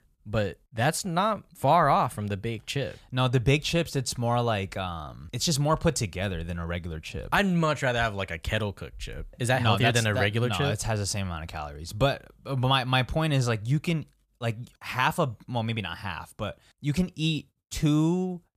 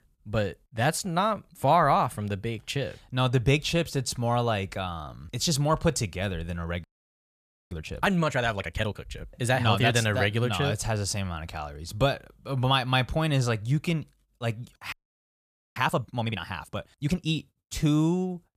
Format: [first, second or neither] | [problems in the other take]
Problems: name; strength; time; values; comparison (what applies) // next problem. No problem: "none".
first | audio freezing; at 7 s for 1 s and at 15 s for 1 s